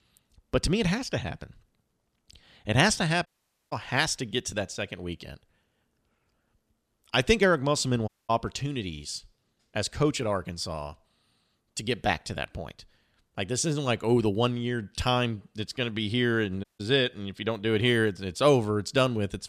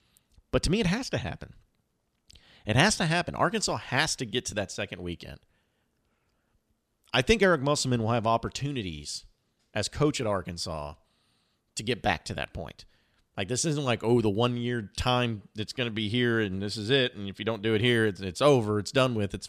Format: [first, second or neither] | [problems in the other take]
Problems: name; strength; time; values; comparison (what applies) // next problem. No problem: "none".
second | audio cutting out; at 3.5 s, at 8 s and at 17 s